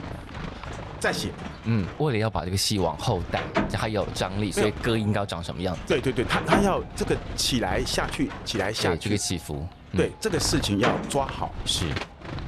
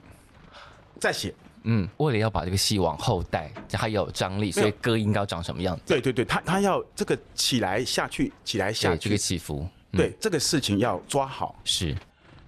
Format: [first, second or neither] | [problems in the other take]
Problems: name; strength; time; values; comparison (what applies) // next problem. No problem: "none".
second | animal sounds; loud; throughout; 6 dB below the speech; faint in the second